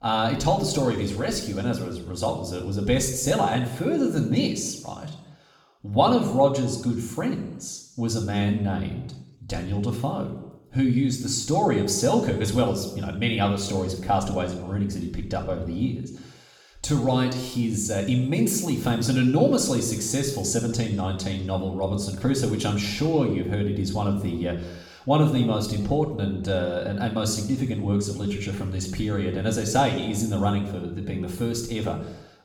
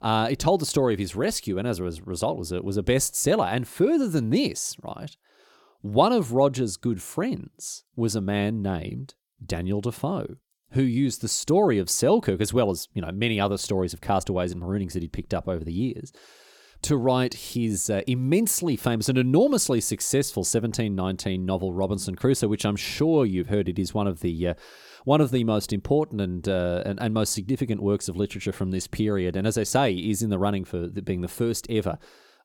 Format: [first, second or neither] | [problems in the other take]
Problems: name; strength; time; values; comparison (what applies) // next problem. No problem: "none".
second | room echo; slight; dies away in 0.8 s // off-mic speech; somewhat distant